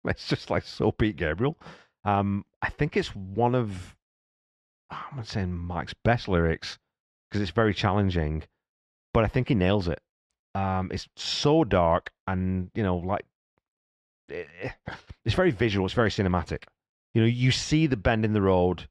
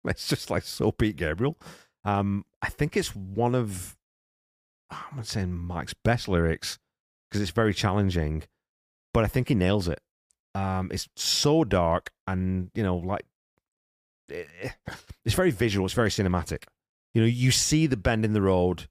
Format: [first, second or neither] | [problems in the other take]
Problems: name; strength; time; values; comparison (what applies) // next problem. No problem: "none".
second | muffled; slightly; fading above 3.5 kHz